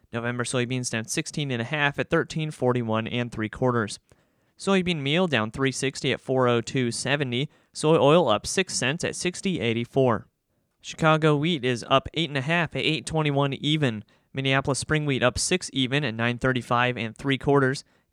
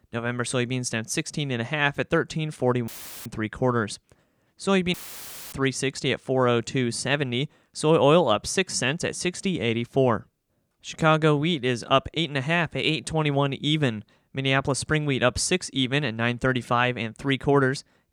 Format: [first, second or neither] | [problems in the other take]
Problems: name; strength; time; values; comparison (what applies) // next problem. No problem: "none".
first | audio cutting out; filled with static; at 3 s and at 5 s for 0.5 s